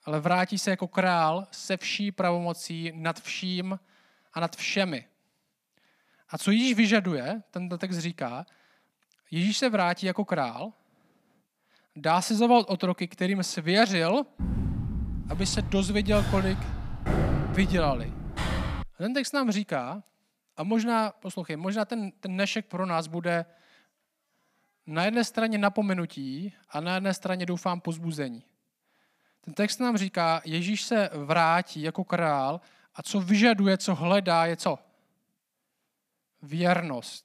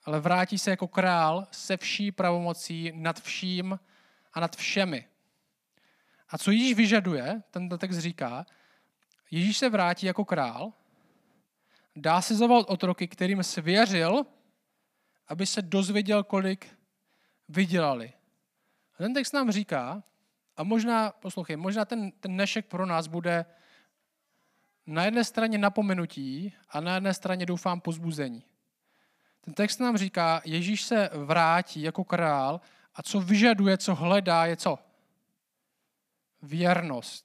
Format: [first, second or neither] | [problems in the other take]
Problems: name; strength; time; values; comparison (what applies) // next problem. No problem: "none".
second | footsteps; loud; from 14 to 19 s; peak 1 dB above the speech